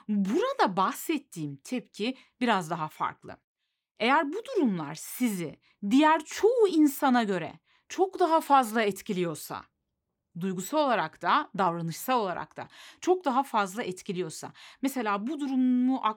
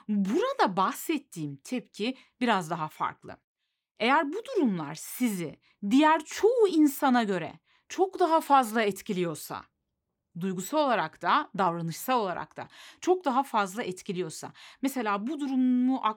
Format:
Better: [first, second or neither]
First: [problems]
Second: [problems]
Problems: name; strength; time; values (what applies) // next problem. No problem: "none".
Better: neither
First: none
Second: none